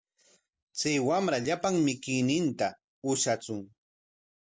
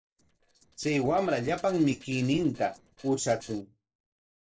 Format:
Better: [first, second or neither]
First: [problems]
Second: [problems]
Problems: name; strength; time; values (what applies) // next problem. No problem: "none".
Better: first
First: none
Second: noise reduction (neural separator model SepFormer DNS4)